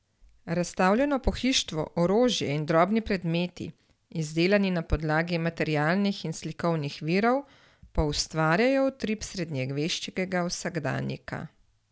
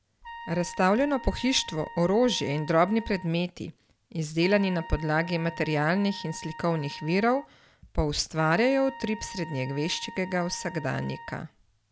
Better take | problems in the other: first | background sound (Trumpet); 16 dB below the speech

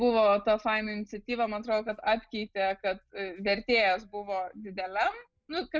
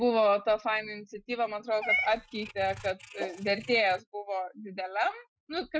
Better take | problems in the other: first | noise reduction (classical method Wiener filter)

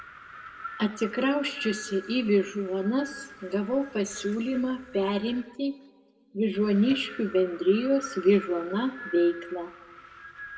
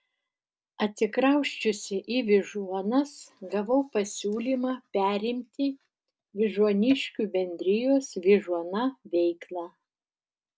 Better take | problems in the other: second | background sound (Wind); 17 dB below the speech // room echo; dies away in 1 s

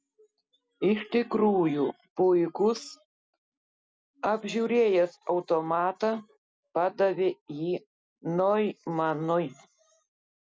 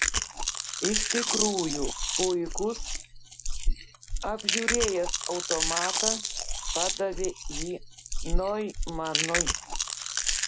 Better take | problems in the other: first | background sound (Chewing, mastication); 4 dB above the speech

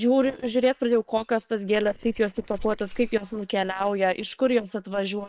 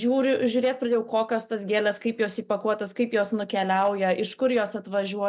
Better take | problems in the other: second | noise reduction (neural separator model SepFormer WHAM!)

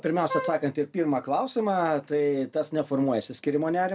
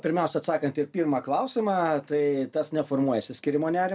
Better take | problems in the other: second | background sound (Wind instrument, woodwind instrument); 8 dB below the speech

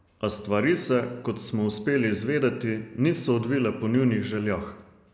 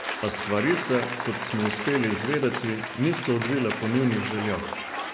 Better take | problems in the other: first | background sound (Applause / Cheering); 6 dB below the speech

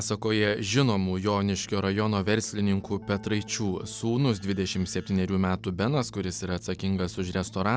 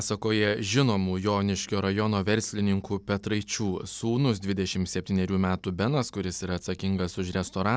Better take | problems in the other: second | background sound (Keyboard (musical)); 20 dB below the speech

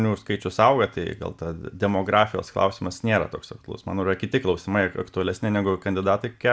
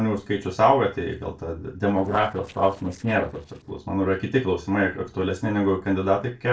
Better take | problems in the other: first | noise reduction (neural separator model SepFormer DNS4)

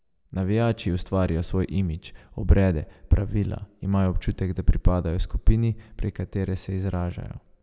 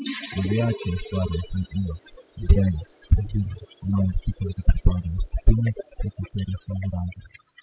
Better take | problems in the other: first | noise reduction (classical method spectral subtraction)

